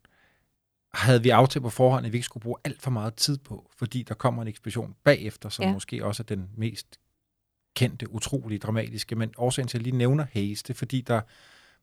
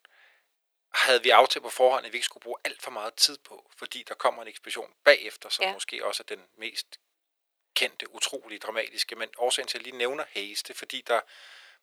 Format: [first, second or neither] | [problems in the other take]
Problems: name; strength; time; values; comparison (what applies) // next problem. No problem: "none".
first | thin; very; fading below 450 Hz